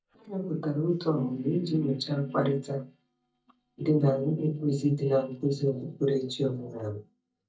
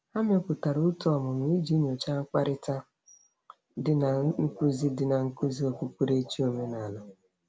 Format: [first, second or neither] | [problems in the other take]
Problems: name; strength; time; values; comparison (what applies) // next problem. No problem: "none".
second | noise reduction (neural mask model DeepFilterNet 3)